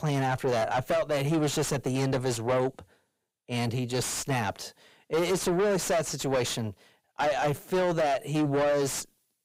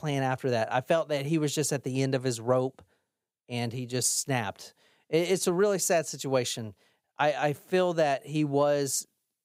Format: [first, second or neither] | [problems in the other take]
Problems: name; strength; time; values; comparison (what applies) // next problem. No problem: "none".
second | distortion; heavy; 5 dB below the speech